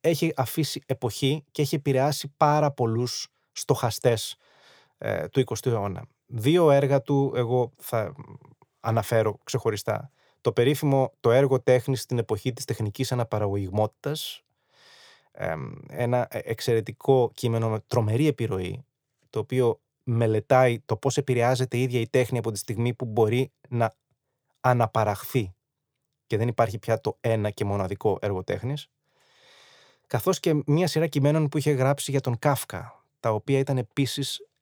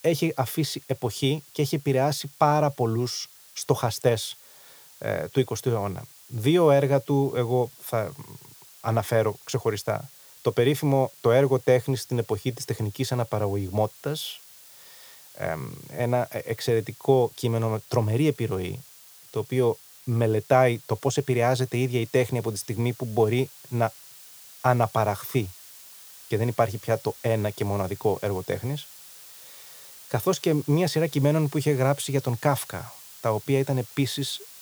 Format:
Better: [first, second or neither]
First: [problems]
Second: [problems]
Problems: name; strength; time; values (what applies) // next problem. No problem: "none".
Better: first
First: none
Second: hiss; noticeable; throughout; 20 dB below the speech